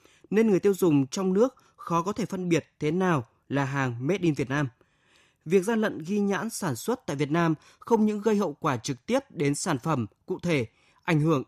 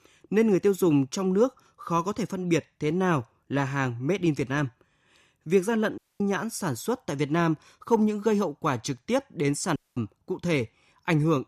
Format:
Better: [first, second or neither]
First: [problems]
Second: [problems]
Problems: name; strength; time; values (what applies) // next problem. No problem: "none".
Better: first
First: none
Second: audio cutting out; at 6 s and at 10 s